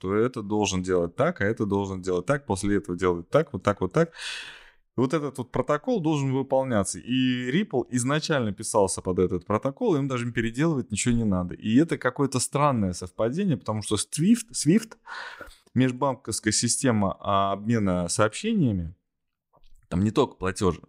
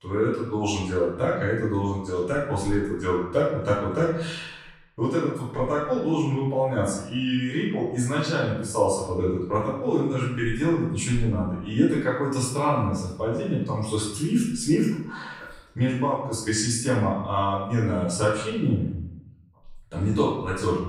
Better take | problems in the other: first | off-mic speech; far // room echo; noticeable; dies away in 0.7 s

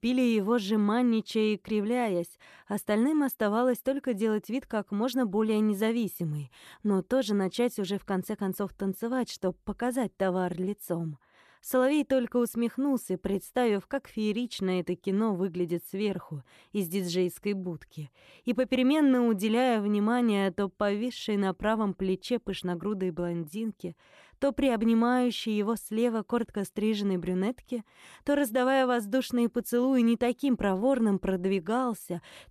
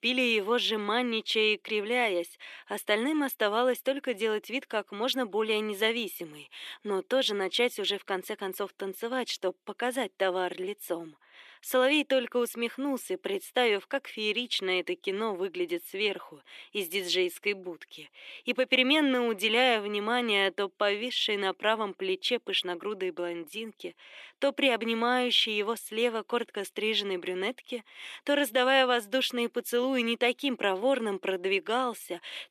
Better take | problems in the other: first | thin; somewhat; fading below 300 Hz

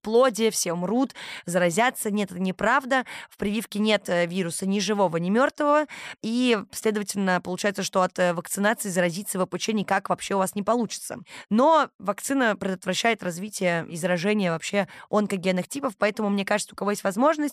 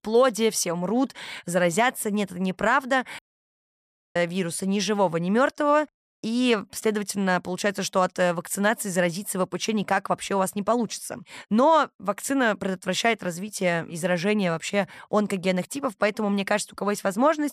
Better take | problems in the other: first | audio cutting out; at 3 s for 1 s and at 6 s

